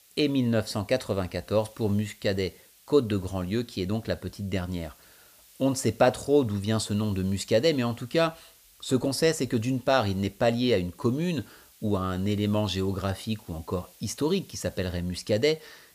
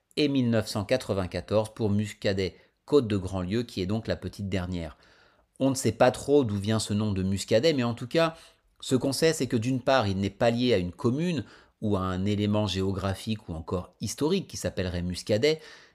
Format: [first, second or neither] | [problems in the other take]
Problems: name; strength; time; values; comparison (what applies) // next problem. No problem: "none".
second | hiss; faint; throughout; 25 dB below the speech